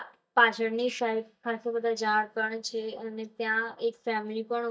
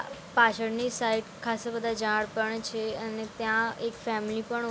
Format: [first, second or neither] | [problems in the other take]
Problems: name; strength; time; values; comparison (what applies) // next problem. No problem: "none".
second | noise reduction (neural mask model DeepFilterNet 3)